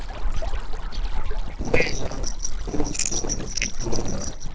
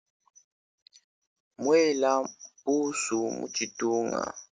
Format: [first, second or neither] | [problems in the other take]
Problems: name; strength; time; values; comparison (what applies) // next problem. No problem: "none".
second | noise reduction (neural separator model SepFormer DNS4)